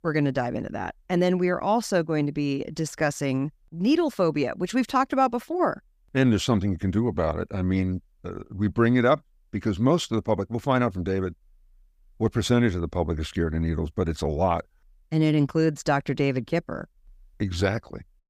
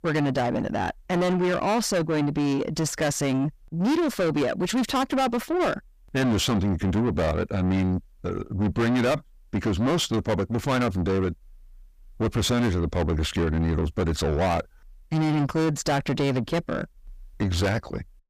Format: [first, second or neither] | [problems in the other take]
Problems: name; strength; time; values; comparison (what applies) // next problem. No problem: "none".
first | distortion; heavy; 6 dB below the speech